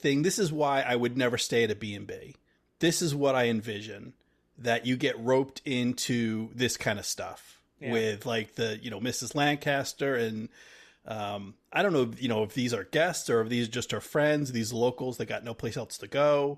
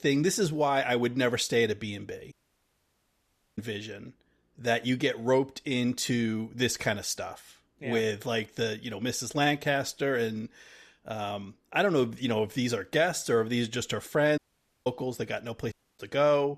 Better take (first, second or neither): first